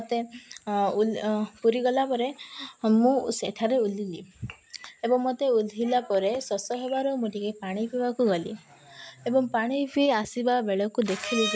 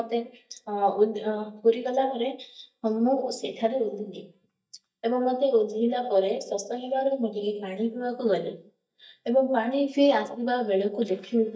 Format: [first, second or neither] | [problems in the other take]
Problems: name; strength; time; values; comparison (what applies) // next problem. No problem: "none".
first | noise reduction (neural mask model DeepFilterNet 3)